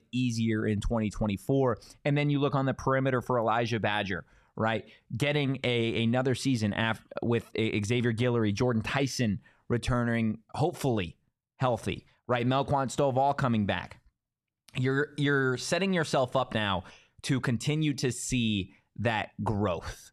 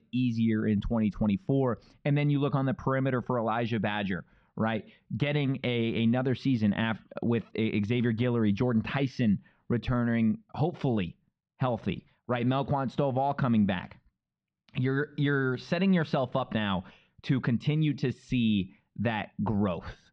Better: first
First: none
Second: muffled; slightly; fading above 4 kHz

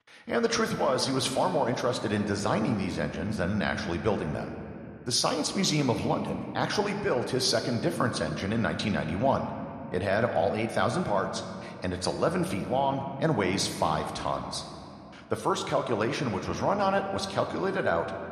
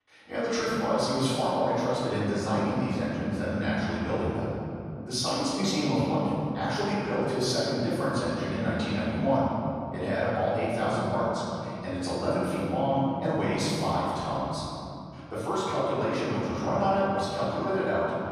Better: first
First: room echo; slight; dies away in 2.3 s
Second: room echo; strong; dies away in 3 s // off-mic speech; far

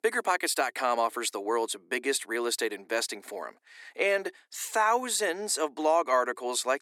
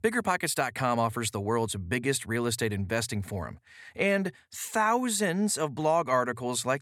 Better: second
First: thin; very; fading below 300 Hz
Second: none

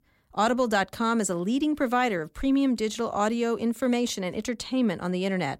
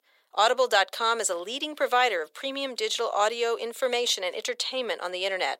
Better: first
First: none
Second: thin; very; fading below 500 Hz

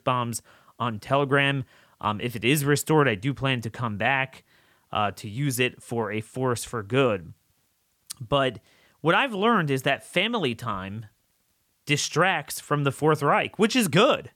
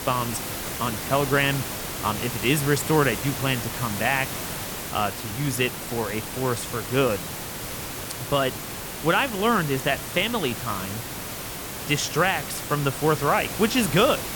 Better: first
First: none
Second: hiss; loud; throughout; 6 dB below the speech

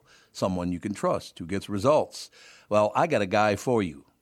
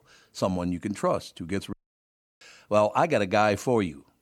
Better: first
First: none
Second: audio cutting out; at 1.5 s for 0.5 s

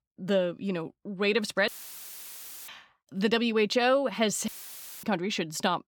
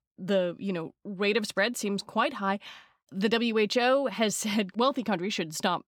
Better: second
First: audio cutting out; filled with static; at 1.5 s for 1 s and at 4.5 s for 0.5 s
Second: none

